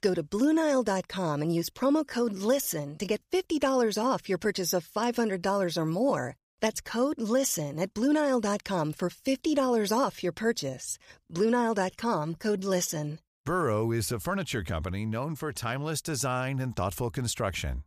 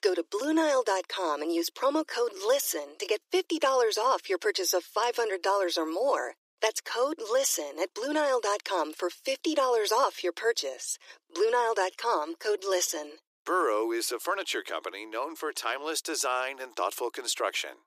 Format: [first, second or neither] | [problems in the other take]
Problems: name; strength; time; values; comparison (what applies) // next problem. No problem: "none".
first | thin; very; fading below 300 Hz